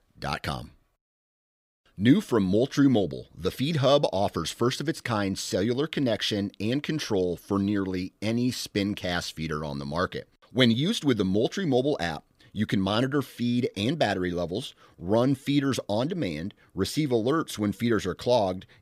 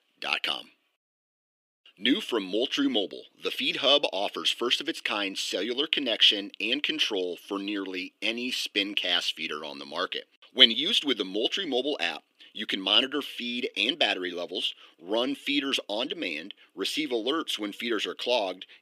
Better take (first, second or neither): first